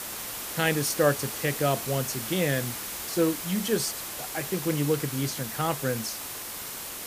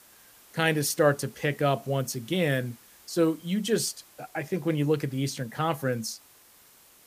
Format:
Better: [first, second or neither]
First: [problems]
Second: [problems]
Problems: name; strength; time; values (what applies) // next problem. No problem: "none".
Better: second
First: hiss; loud; throughout; 5 dB below the speech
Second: hiss; faint; throughout; 25 dB below the speech